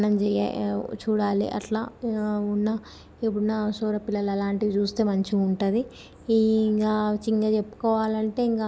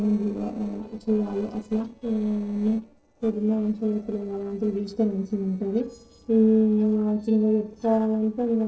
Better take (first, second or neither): first